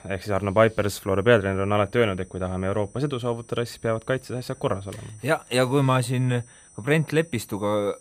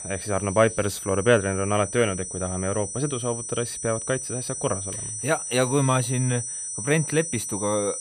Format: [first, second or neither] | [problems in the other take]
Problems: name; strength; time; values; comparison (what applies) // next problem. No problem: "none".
first | high-pitched whine; loud; throughout; 9 kHz, 5 dB below the speech; faint in the first